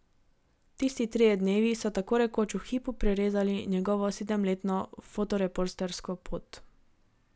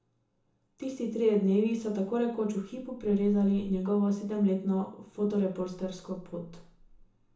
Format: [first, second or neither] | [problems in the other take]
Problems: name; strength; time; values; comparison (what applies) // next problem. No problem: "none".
first | room echo; dies away in 0.7 s